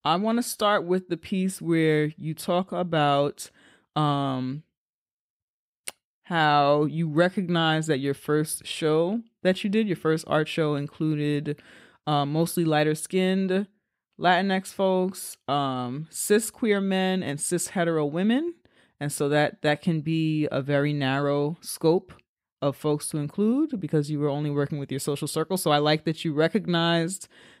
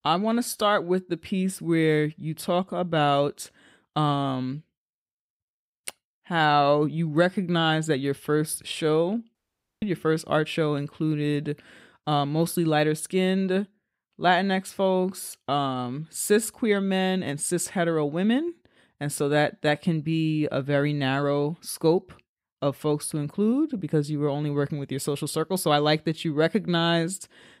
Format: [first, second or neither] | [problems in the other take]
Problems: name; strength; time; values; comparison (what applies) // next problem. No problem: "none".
first | audio cutting out; at 9.5 s